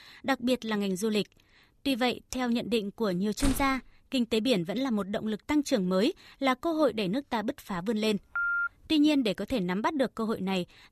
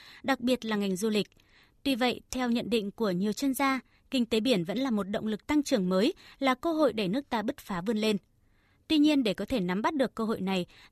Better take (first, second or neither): second